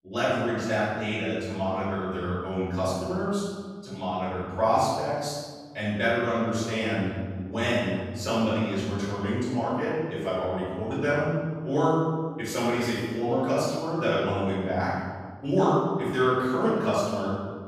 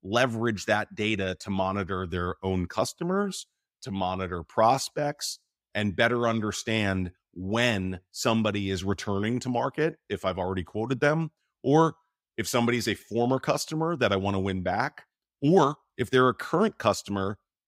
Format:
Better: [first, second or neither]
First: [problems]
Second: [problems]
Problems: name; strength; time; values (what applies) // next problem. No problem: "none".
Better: second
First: off-mic speech; far // room echo; strong; dies away in 1.5 s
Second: none